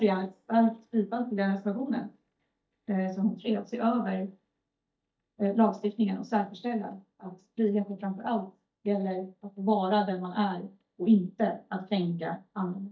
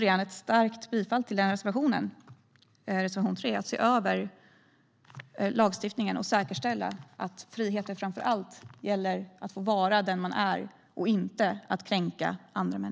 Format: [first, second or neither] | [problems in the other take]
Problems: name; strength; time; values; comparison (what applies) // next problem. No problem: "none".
second | noise reduction (neural mask model DeepFilterNet 3)